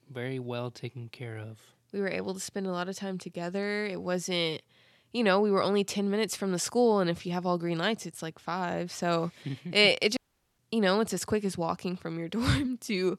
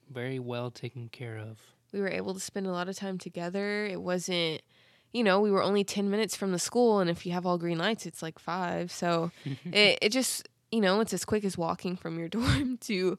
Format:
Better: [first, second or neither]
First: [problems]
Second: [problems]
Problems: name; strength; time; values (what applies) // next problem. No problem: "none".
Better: second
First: audio cutting out; at 10 s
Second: none